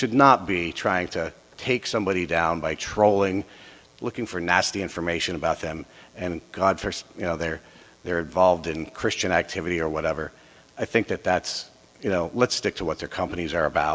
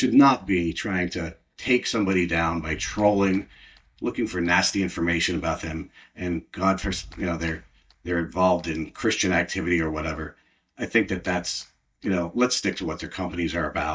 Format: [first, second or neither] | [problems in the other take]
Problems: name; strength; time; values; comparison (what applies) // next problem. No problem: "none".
first | noise reduction (neural mask model DeepFilterNet 3)